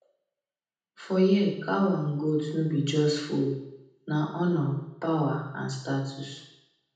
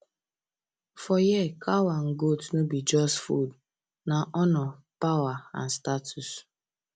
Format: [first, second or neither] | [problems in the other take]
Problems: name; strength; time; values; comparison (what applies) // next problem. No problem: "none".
second | room echo; dies away in 0.8 s